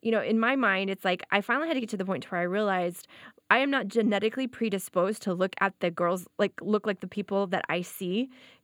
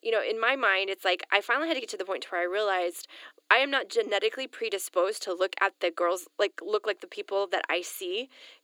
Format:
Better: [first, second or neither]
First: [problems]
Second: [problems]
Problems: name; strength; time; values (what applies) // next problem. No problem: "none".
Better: first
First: none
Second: thin; very; fading below 300 Hz